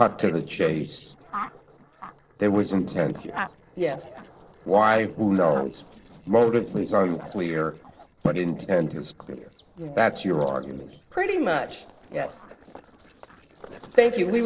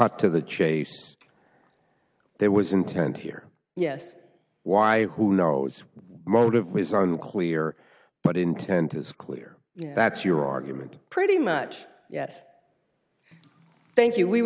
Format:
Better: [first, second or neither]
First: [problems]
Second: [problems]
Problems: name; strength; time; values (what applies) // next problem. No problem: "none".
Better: second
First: noise reduction (neural separator model SepFormer DNS4)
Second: none